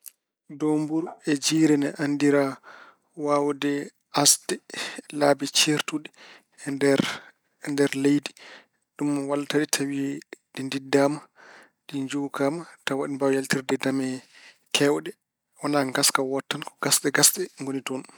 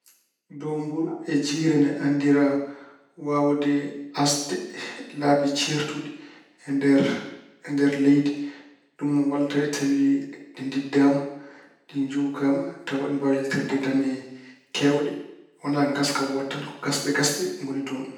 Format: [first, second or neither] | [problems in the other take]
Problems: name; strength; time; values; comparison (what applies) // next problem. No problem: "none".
first | room echo; dies away in 0.8 s